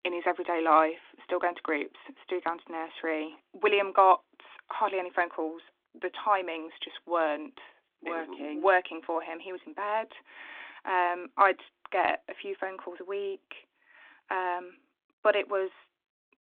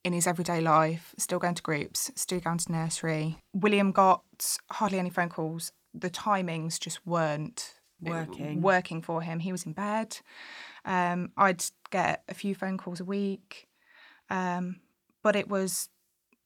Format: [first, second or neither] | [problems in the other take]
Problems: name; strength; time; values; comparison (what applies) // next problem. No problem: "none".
second | phone-call audio; nothing above 3.5 kHz